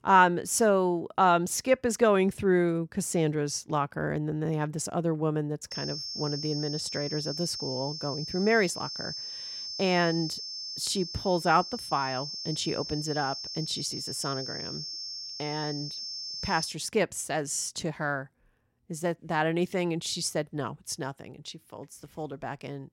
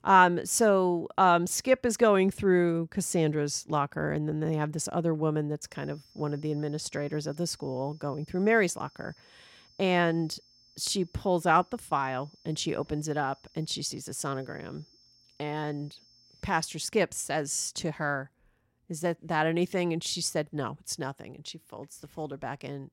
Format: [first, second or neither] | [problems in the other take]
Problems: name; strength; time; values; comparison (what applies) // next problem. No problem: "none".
second | high-pitched whine; loud; from 5.5 to 17 s; 5.5 kHz, 6 dB below the speech; faint in the second